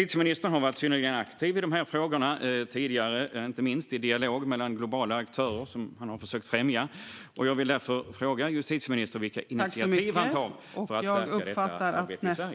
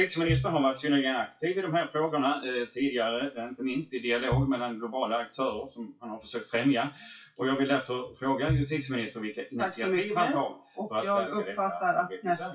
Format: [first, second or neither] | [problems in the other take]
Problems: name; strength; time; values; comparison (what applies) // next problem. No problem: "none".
first | noise reduction (classical method WPE with log-MMSE)